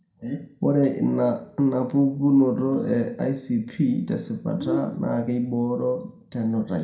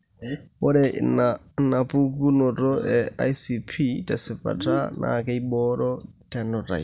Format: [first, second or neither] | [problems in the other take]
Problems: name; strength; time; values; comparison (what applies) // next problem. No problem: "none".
second | room echo; dies away in 0.4 s